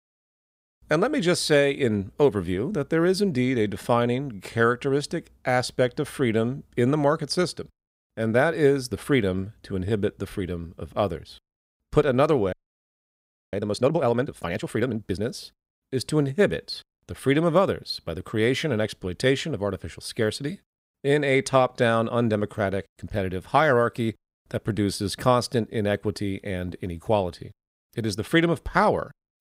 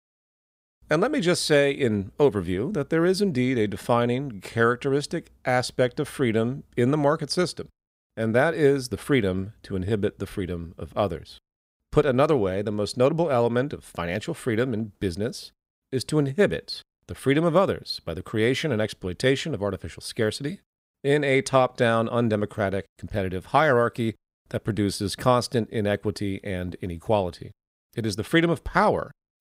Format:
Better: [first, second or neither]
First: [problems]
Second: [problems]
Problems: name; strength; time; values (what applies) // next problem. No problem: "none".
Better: second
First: audio freezing; at 13 s for 1 s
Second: none